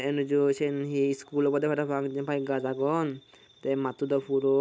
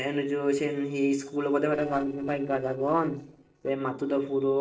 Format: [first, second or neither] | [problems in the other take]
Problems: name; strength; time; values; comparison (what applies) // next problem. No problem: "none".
first | noise reduction (neural separator model SepFormer DNS4)